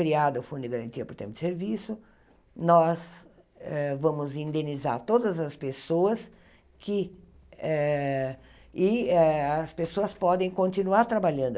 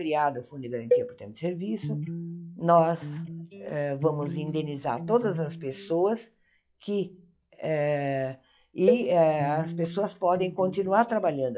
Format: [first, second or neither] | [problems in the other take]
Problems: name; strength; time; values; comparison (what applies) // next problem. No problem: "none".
first | noise reduction (classical method log-MMSE)